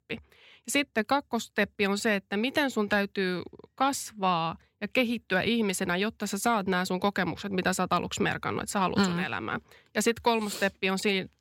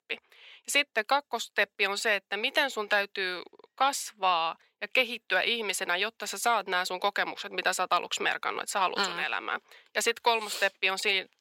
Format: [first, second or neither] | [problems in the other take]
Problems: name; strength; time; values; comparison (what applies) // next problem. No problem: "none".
first | thin; very; fading below 600 Hz